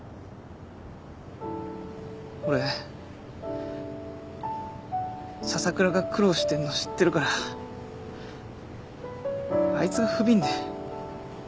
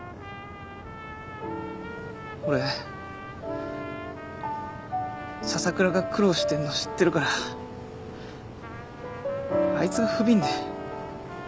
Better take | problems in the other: first | background sound (Trumpet); 15 dB below the speech

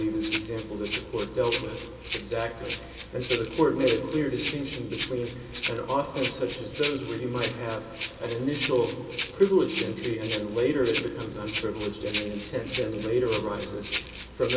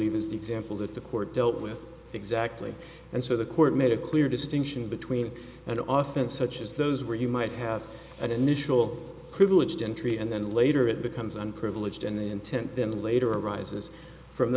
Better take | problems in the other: second | background sound (Rattle (instrument)); 8 dB below the speech // room echo; dies away in 1.8 s

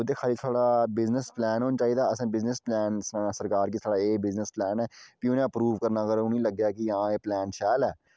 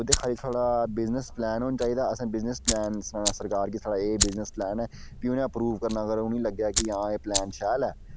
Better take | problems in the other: first | background sound (Fire); 5 dB below the speech

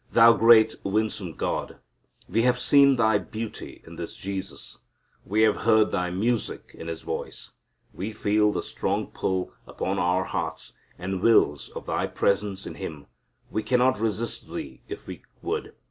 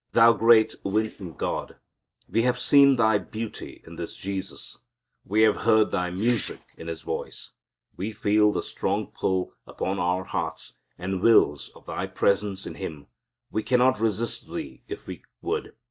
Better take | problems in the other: first | noise reduction (neural mask model DeepFilterNet 3)

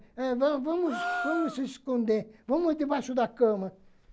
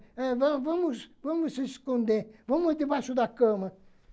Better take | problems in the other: second | background sound (Gasp); 9 dB below the speech

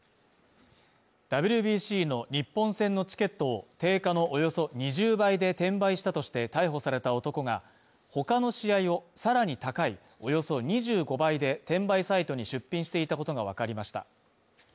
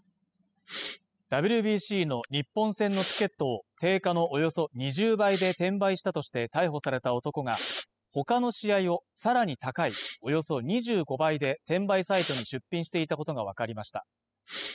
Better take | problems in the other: first | noise reduction (classical method spectral subtraction)

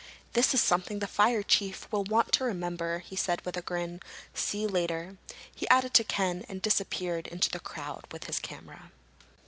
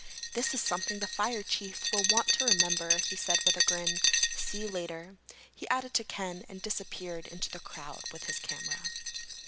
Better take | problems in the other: first | background sound (Glass); 4 dB above the speech

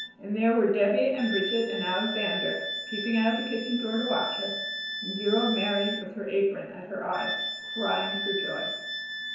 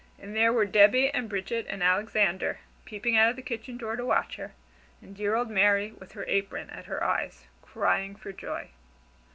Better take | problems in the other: second | background sound (Wind instrument, woodwind instrument); 6 dB below the speech // room echo; dies away in 0.9 s

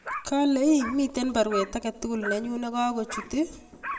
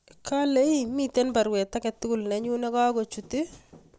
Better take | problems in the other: second | background sound (Dog); 12 dB below the speech // room echo; dies away in 1.3 s

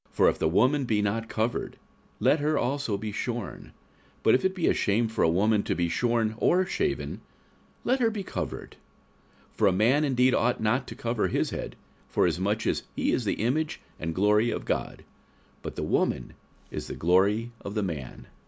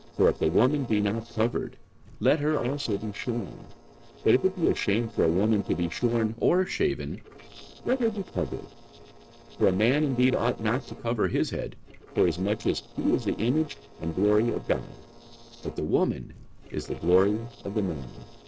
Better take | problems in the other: first | noise reduction (neural separator model SepFormer DNS4)

